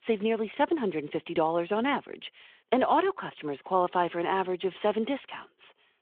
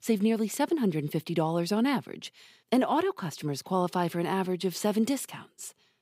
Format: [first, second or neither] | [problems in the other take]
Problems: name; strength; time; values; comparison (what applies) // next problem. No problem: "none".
second | phone-call audio